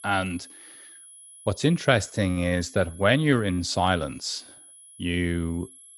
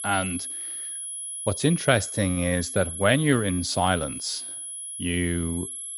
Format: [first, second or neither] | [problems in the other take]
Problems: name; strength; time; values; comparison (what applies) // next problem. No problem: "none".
first | high-pitched whine; loud; throughout; 11 kHz, 7 dB below the speech; faint in the first